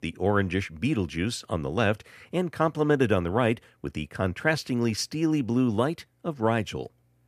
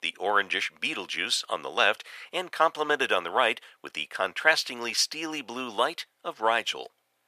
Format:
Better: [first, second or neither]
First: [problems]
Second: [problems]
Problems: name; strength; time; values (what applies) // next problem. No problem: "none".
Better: first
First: none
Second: thin; very; fading below 850 Hz